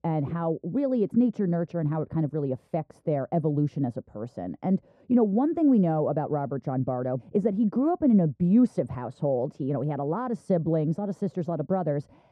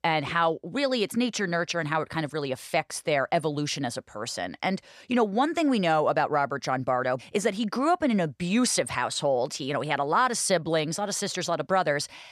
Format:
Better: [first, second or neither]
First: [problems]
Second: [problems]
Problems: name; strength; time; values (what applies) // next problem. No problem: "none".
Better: second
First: muffled; very; fading above 1 kHz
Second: none